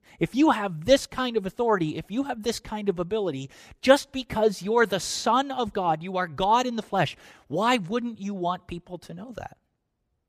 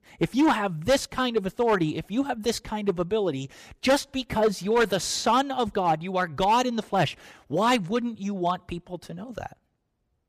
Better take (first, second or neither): first